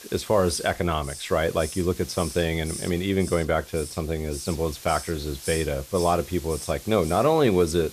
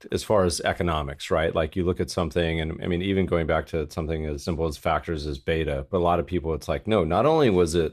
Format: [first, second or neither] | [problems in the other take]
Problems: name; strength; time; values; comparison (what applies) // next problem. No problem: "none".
second | hiss; noticeable; throughout; 10 dB below the speech